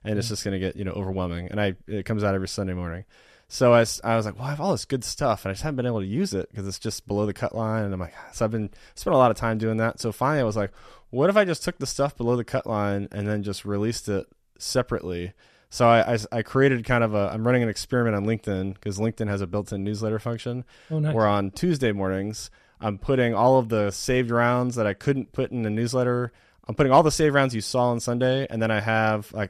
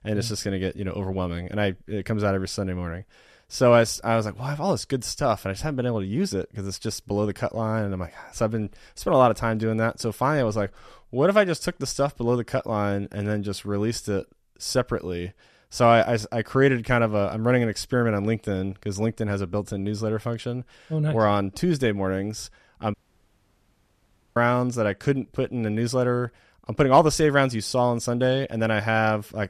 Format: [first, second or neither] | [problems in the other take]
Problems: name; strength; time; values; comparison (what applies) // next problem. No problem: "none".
first | audio cutting out; at 23 s for 1.5 s